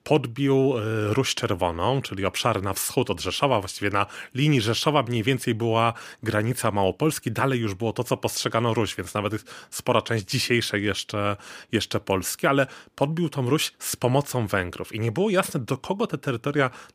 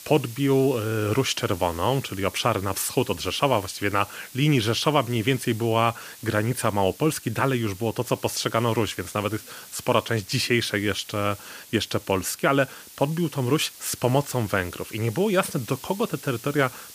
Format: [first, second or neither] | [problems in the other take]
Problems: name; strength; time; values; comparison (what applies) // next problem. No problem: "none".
first | hiss; noticeable; throughout; 15 dB below the speech